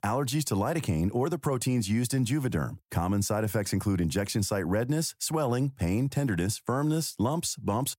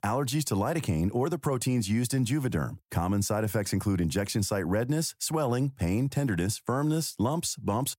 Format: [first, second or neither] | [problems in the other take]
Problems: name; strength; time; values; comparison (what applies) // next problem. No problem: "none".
neither | none